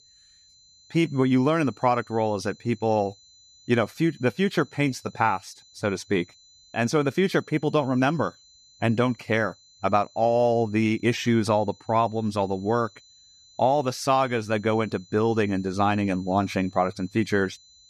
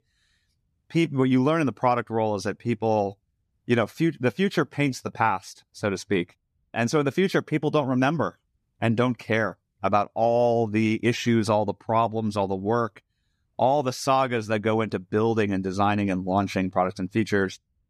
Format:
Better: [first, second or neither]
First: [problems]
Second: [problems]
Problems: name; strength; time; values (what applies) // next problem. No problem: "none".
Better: second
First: high-pitched whine; faint; throughout; 4 kHz, 25 dB below the speech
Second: none